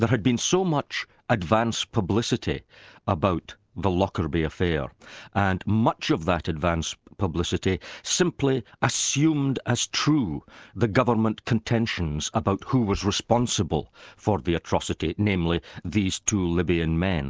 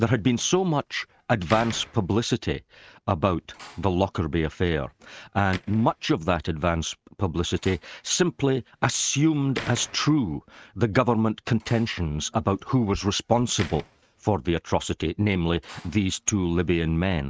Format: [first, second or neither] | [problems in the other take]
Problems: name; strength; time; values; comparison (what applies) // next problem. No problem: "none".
first | noise reduction (neural mask model RNNoise)